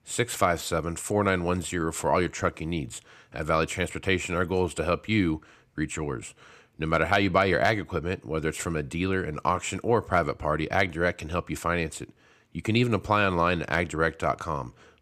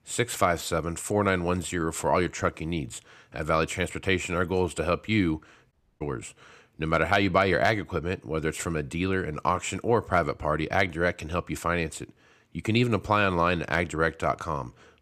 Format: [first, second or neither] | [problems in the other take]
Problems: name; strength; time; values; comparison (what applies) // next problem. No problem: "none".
first | audio cutting out; at 5.5 s